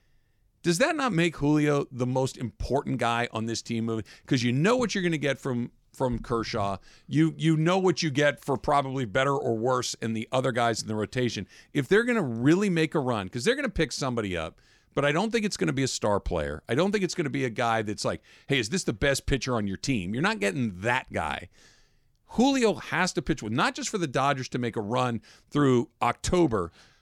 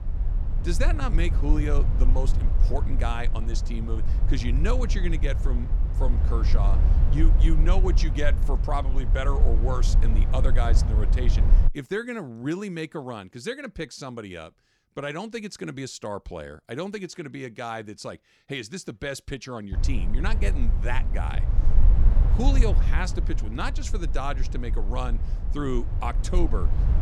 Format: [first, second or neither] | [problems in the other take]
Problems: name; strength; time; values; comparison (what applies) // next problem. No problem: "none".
first | low rumble; loud; until 12 s and from 20 s on; 9 dB below the speech